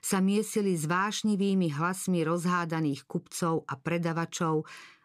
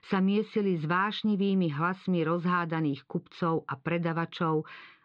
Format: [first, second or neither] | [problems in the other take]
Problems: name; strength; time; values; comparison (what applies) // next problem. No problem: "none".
first | muffled; very; fading above 4 kHz